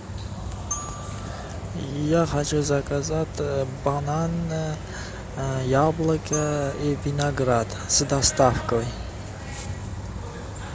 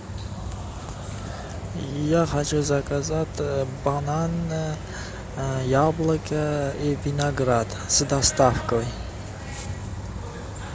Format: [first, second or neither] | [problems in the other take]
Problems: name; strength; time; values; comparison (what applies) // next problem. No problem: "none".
second | background sound (Glockenspiel); 17 dB below the speech